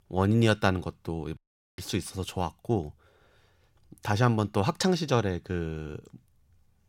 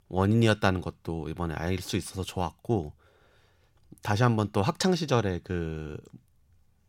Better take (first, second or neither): second